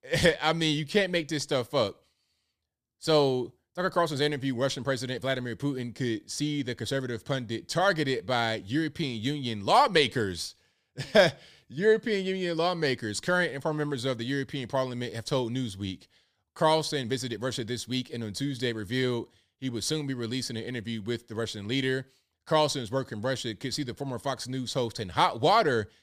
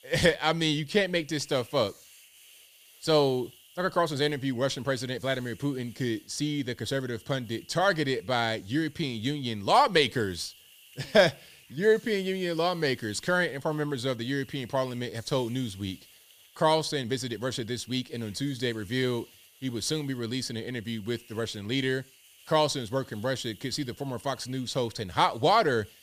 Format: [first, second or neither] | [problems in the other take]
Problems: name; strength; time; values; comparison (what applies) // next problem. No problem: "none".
first | hiss; faint; throughout; 25 dB below the speech